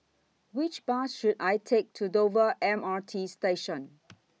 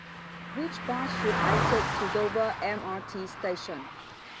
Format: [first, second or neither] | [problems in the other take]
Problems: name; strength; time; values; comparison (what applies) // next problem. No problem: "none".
first | background sound (Car passing by); as loud as the speech